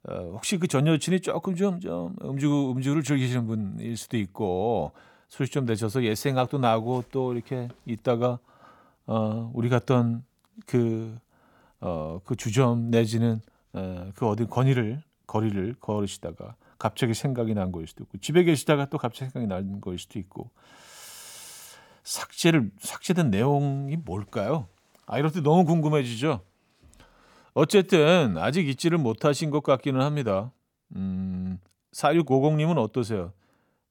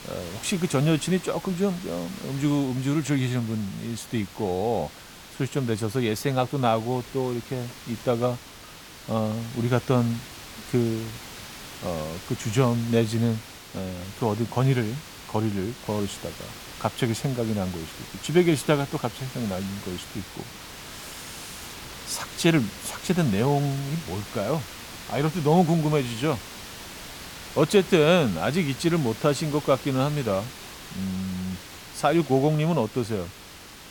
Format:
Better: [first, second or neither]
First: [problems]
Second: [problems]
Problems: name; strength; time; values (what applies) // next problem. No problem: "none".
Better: first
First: none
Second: hiss; noticeable; throughout; 15 dB below the speech